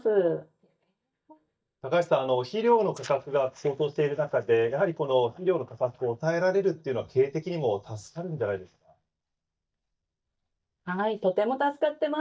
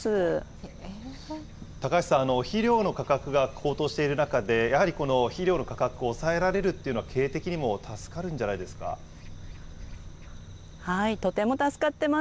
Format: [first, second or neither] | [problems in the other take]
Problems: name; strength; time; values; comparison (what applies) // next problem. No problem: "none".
second | noise reduction (neural mask model DeepFilterNet 3)